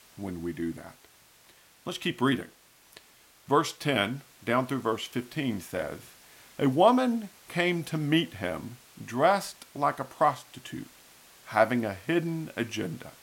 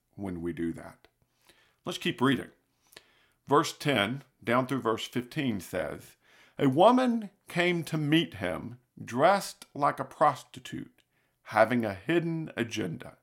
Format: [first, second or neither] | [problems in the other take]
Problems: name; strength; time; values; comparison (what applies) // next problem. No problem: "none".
second | hiss; faint; throughout; 25 dB below the speech